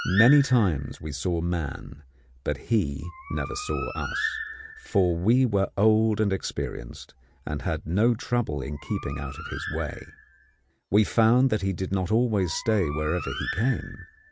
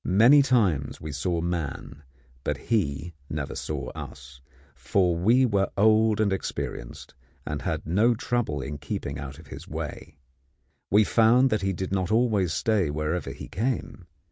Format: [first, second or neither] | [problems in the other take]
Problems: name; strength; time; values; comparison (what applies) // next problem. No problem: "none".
second | background sound (Bird); 13 dB below the speech